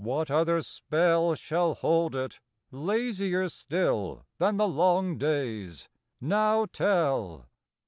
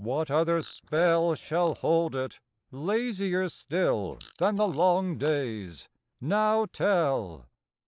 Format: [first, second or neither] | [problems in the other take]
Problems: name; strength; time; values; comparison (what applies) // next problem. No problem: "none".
first | noise reduction (neural mask model Resemble Enhance denoiser)